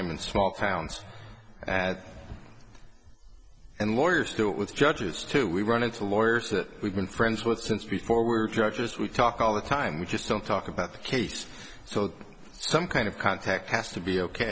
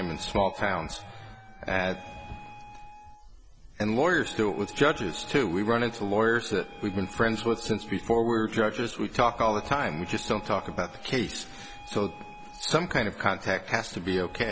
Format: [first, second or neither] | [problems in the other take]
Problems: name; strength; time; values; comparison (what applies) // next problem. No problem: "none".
first | background sound (Wind instrument, woodwind instrument); 19 dB below the speech